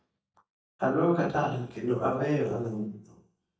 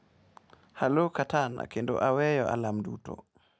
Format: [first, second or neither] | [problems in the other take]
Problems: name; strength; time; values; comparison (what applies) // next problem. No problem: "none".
second | noise reduction (neural mask model DeepFilterNet 3)